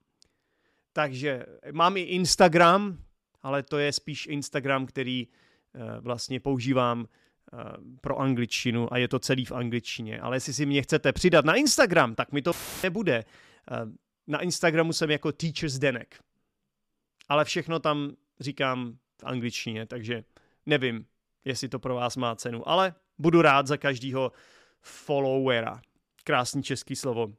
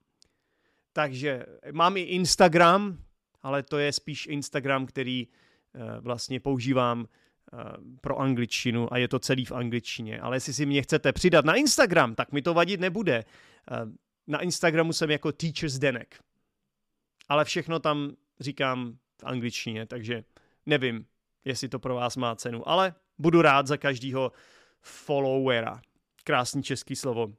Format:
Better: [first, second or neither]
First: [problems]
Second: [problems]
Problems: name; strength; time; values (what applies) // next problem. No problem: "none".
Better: second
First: audio cutting out; filled with static; at 13 s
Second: none